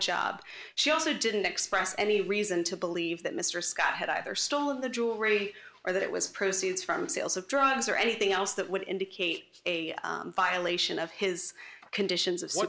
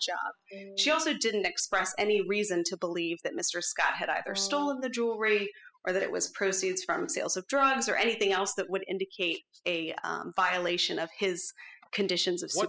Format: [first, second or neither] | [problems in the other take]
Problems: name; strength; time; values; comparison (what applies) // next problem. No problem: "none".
first | noise reduction (classical method spectral subtraction)